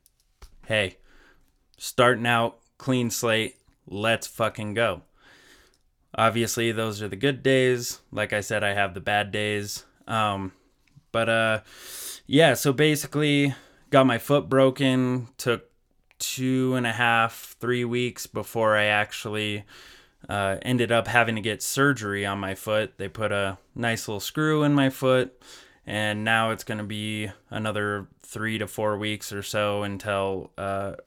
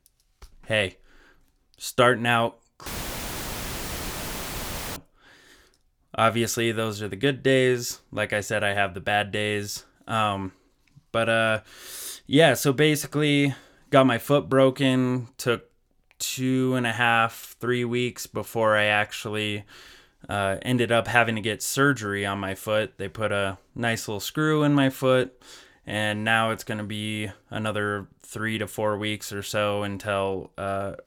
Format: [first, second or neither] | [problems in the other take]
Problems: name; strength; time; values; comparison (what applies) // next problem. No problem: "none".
first | audio cutting out; filled with static; at 3 s for 2 s